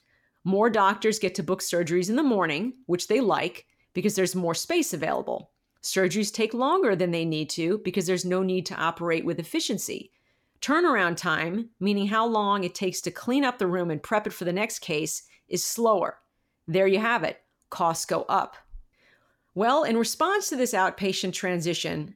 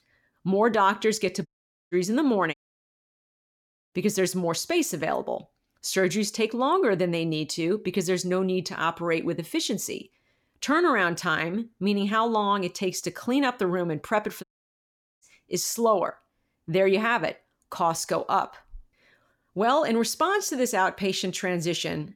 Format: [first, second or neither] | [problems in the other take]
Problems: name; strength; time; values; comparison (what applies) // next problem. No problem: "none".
first | audio cutting out; at 1.5 s, at 2.5 s for 1.5 s and at 14 s for 1 s